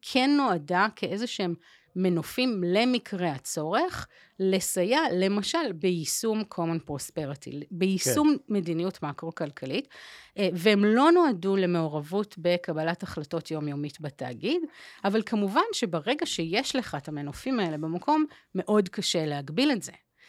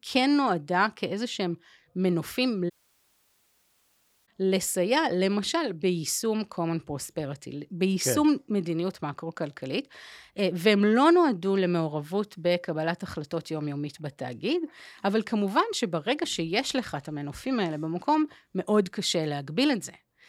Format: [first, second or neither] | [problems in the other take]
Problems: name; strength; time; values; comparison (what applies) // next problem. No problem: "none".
first | audio cutting out; at 2.5 s for 1.5 s